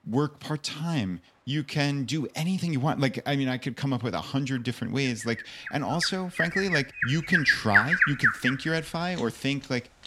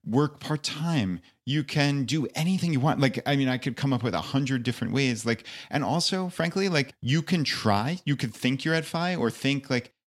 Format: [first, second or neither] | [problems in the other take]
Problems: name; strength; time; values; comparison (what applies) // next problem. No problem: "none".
second | animal sounds; very loud; throughout; 3 dB above the speech